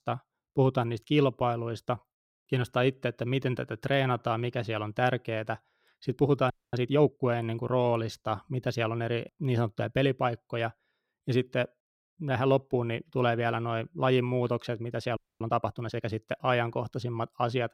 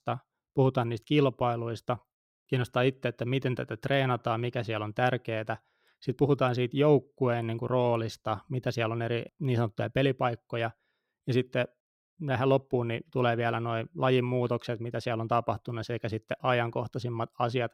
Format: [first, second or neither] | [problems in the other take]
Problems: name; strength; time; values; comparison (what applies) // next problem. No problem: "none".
second | audio freezing; at 6.5 s and at 15 s